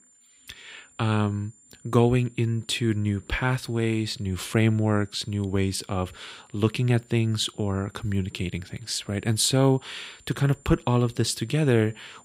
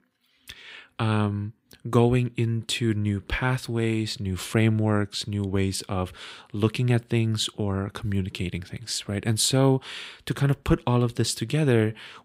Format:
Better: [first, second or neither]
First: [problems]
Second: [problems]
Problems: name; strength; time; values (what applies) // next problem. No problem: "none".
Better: second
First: high-pitched whine; faint; throughout; 7 kHz, 30 dB below the speech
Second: none